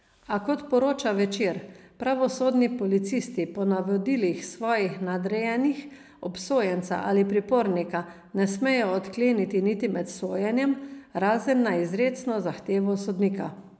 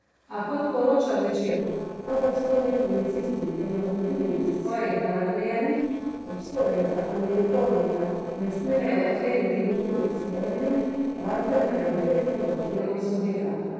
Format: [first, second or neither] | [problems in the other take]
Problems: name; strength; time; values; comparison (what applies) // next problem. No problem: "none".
first | noise reduction (neural separator model SepFormer DNS4)